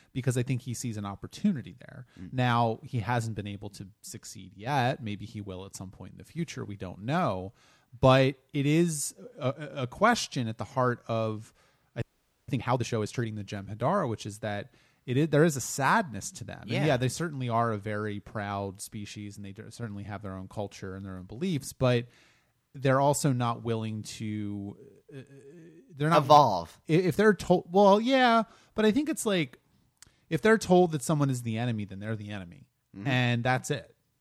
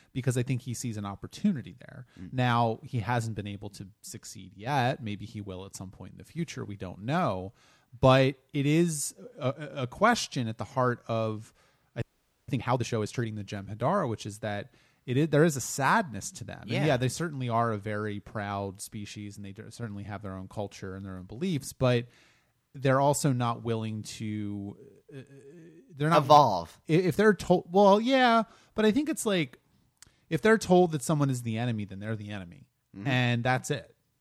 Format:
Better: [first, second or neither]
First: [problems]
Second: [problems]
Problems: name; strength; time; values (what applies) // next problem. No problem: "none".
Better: neither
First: audio freezing; at 12 s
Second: audio freezing; at 12 s